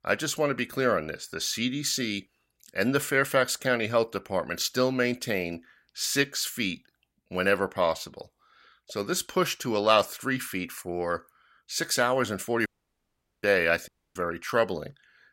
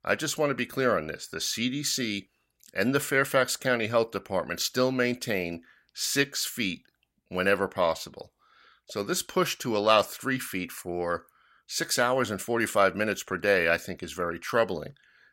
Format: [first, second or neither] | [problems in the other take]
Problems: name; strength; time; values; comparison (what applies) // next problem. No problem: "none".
second | audio cutting out; at 13 s for 1 s and at 14 s